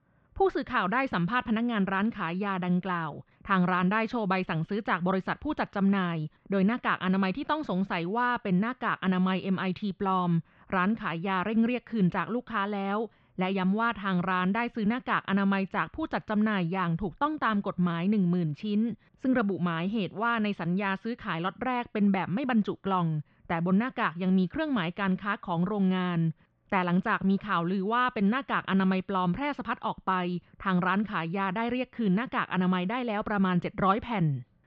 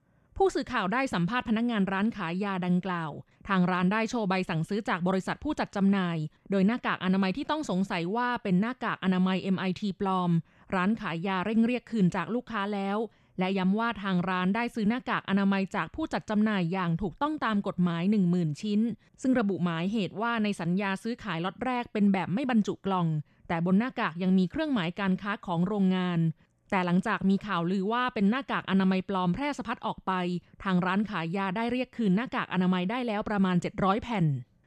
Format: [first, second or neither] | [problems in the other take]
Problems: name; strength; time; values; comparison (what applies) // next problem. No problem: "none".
second | muffled; slightly; fading above 4 kHz